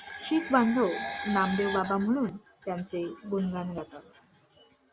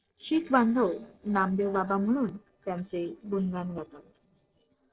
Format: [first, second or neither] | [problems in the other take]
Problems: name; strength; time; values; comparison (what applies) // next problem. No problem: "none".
first | noise reduction (neural separator model SepFormer DNS4)